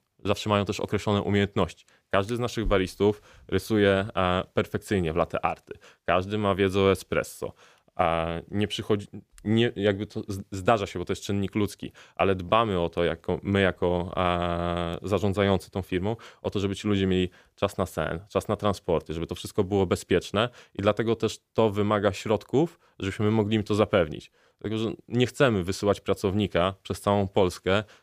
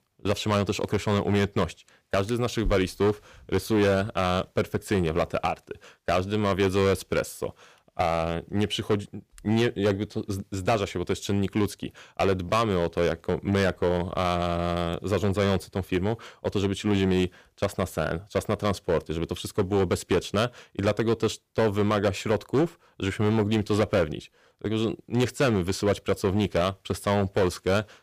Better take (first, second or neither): first